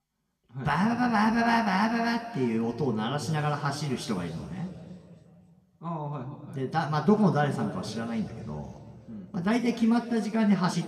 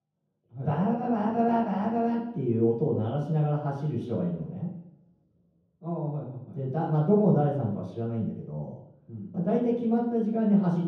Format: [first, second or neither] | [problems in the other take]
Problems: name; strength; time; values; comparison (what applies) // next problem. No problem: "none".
first | room echo; strong; dies away in 0.9 s; slight in the first // off-mic speech; far; somewhat distant in the first